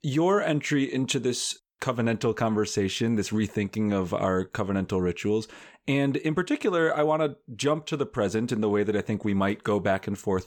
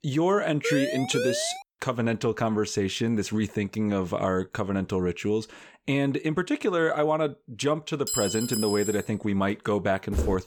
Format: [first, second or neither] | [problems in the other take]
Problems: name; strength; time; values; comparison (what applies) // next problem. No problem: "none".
first | siren; noticeable; at 0.5 s; peak 2 dB below the speech // clattering dishes; noticeable; at 8 s; peak 1 dB below the speech // footsteps; very faint; at 10 s; peak 4 dB below the speech